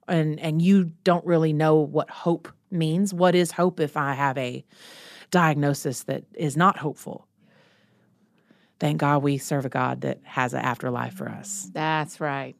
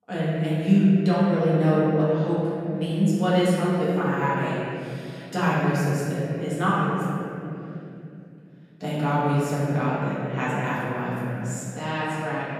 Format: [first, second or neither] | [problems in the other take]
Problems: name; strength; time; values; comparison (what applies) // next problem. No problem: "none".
first | room echo; strong; dies away in 3 s // off-mic speech; far